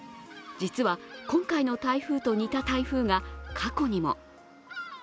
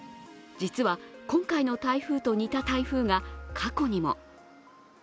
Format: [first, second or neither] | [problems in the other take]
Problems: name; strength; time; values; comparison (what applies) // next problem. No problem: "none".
second | background sound (Bird vocalization, bird call, bird song); 19 dB below the speech